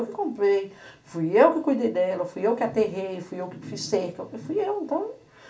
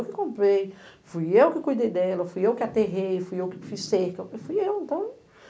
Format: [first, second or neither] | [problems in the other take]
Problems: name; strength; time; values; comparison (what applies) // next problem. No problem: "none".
second | room echo; dies away in 0.2 s